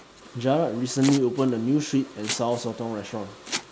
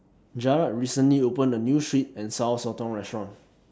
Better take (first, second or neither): second